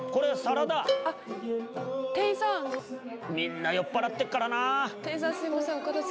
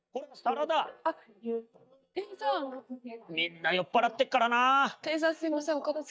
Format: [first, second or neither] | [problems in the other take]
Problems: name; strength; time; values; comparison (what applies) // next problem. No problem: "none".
first | noise reduction (neural mask model DeepFilterNet 3)